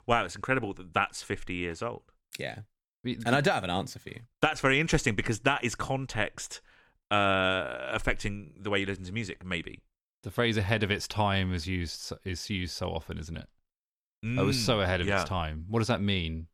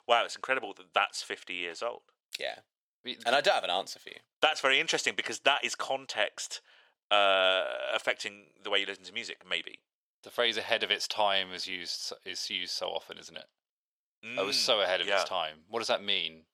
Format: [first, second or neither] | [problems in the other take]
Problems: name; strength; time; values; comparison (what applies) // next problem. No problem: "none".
first | thin; very; fading below 500 Hz